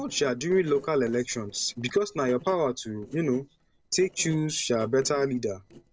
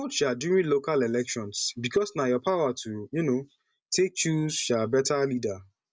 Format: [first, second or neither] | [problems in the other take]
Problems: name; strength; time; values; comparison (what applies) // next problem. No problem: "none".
second | noise reduction (neural separator model SepFormer DNS4)